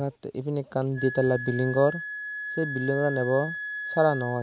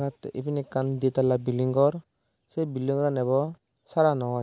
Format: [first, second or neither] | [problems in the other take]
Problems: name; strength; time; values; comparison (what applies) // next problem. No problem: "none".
second | background sound (Wind instrument, woodwind instrument); 9 dB below the speech